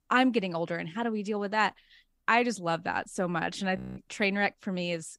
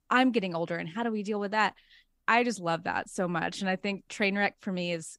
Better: second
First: audio freezing; at 4 s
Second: none

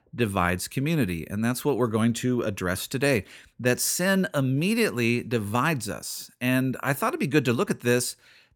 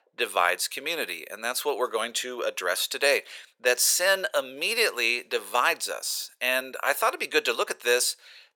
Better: first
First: none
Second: thin; very; fading below 500 Hz

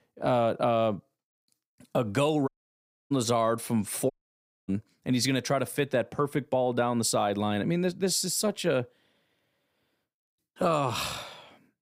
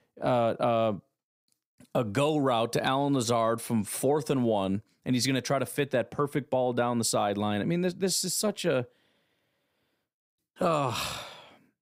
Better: second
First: audio cutting out; at 2.5 s for 0.5 s and at 4 s for 0.5 s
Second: none

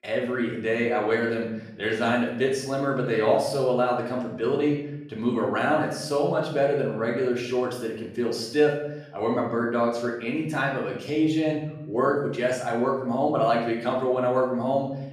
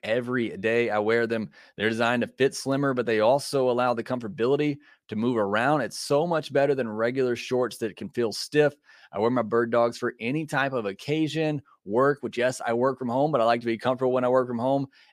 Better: second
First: room echo; noticeable; dies away in 0.7 s // off-mic speech; far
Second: none

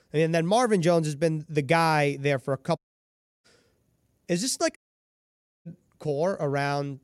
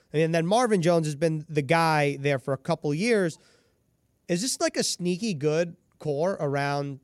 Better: second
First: audio cutting out; at 3 s for 0.5 s and at 5 s for 1 s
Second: none

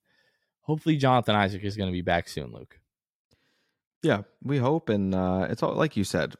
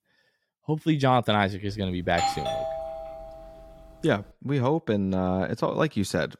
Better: first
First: none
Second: doorbell; noticeable; from 2 to 3.5 s; peak 2 dB below the speech

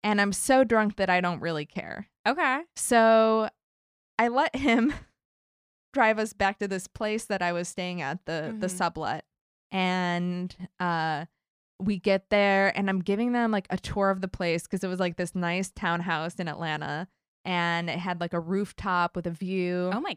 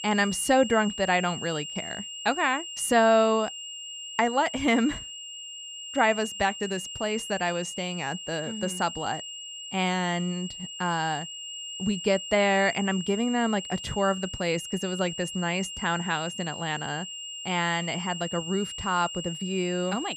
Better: first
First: none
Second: high-pitched whine; loud; throughout; 3 kHz, 8 dB below the speech

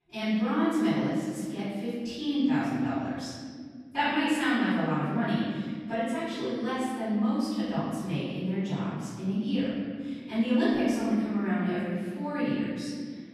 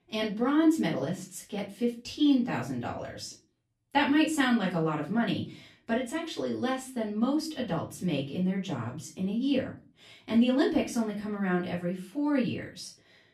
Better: second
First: room echo; strong; dies away in 2 s // off-mic speech; far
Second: room echo; slight; dies away in 0.3 s // off-mic speech; far

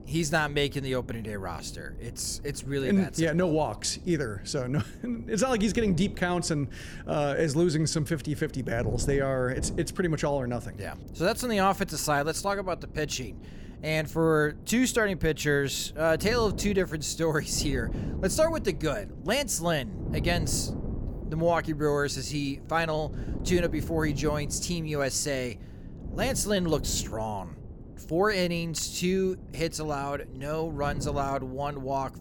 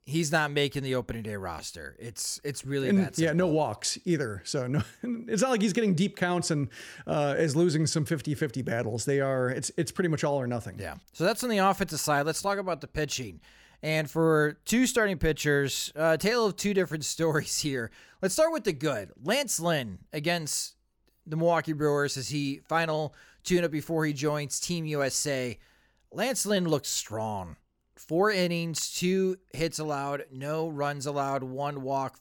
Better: second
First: wind noise on the microphone; occasional gusts; 20 dB below the speech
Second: none

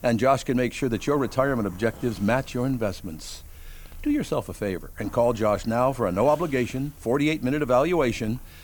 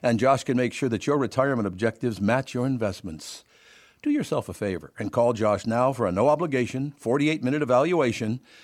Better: second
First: hiss; faint; throughout; 20 dB below the speech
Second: none

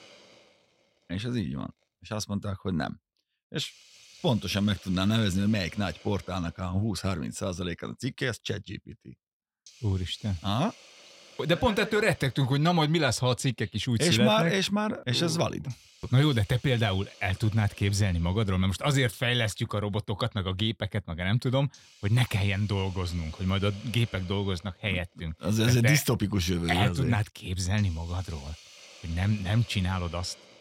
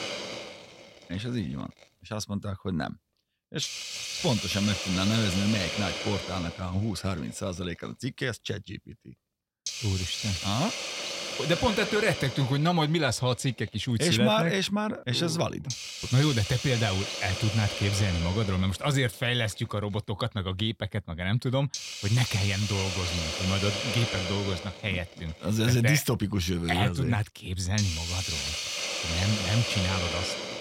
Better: first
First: hiss; faint; throughout; 20 dB below the speech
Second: hiss; loud; throughout; 3 dB below the speech

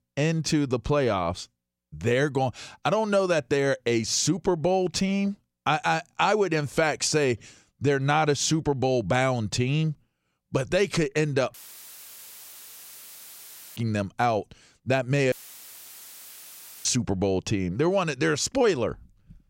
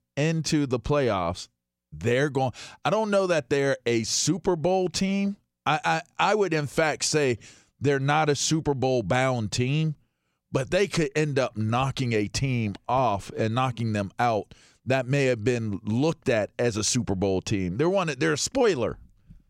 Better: second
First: audio cutting out; filled with static; at 12 s for 2 s and at 15 s for 1.5 s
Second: none

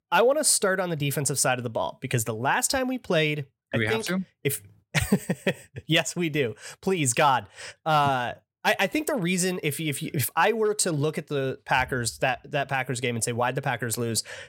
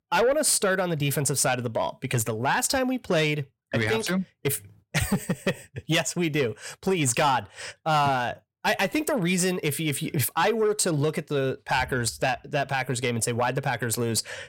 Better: first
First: none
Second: distortion; slight; 10 dB below the speech

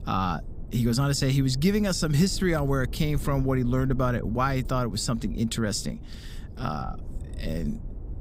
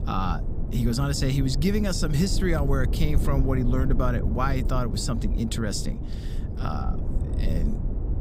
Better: first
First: low rumble; faint; throughout; 20 dB below the speech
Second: low rumble; loud; throughout; 10 dB below the speech

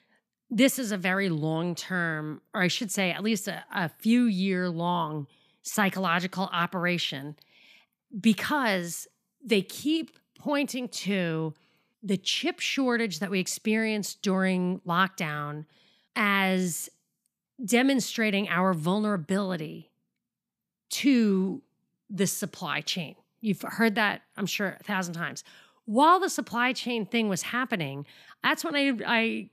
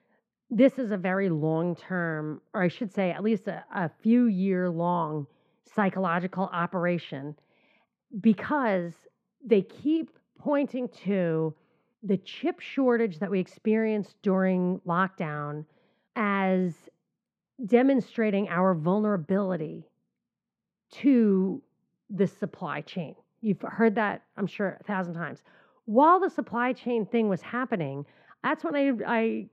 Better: first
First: none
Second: muffled; very; fading above 4 kHz

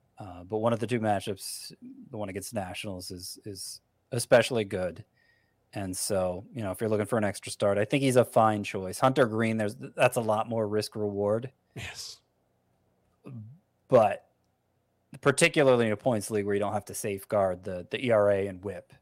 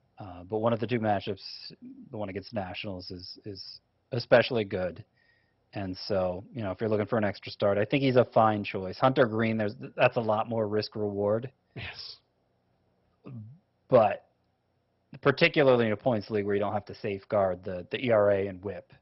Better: first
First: none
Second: garbled, watery; badly; nothing above 5.5 kHz

